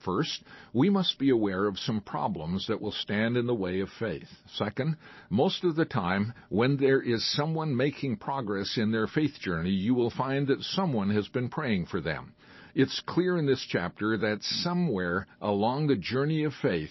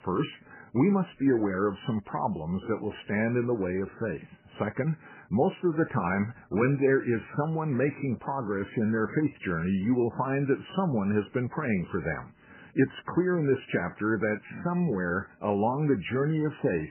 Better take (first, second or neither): first